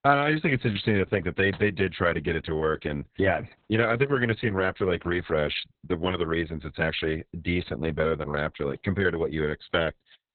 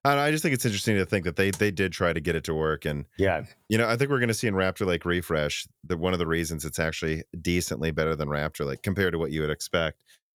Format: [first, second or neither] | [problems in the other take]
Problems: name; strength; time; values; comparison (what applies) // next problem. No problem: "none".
second | garbled, watery; badly; nothing above 4 kHz